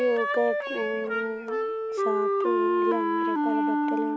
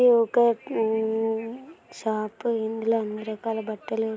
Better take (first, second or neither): second